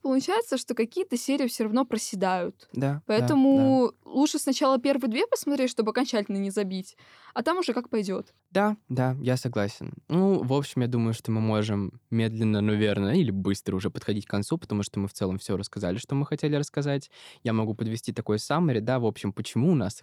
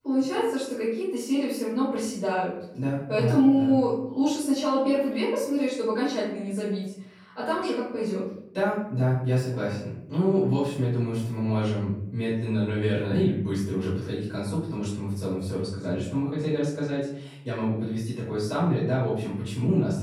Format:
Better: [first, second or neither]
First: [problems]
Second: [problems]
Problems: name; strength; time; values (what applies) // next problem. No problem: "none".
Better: first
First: none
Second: off-mic speech; far // room echo; noticeable; dies away in 0.7 s